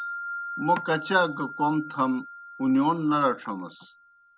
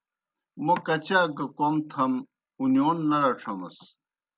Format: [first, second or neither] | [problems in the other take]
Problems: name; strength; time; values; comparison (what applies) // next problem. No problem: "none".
second | background sound (Wind chime); 12 dB below the speech